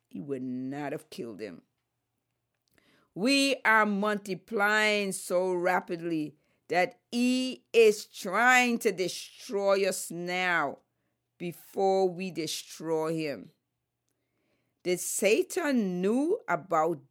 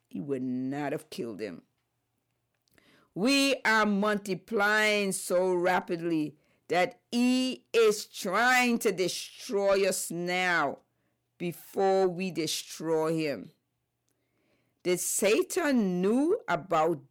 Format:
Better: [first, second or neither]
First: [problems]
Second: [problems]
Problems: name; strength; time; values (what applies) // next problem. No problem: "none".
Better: first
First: none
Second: distortion; slight; 10 dB below the speech